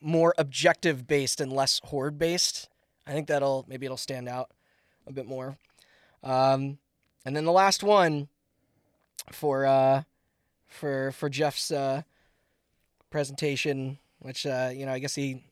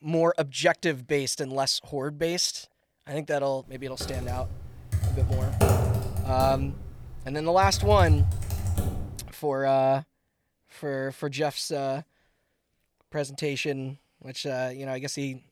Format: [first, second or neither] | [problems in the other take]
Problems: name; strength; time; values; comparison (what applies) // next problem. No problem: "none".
first | keyboard typing; loud; from 4 to 9 s; peak 5 dB above the speech